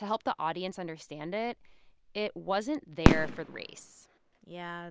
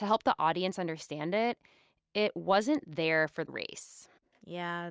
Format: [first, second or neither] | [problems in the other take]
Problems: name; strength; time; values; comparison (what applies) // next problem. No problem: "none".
second | background sound (Fireworks); 3 dB above the speech